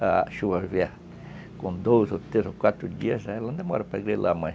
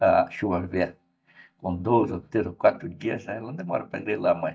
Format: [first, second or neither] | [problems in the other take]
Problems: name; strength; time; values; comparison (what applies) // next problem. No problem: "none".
first | noise reduction (neural mask model DeepFilterNet 3)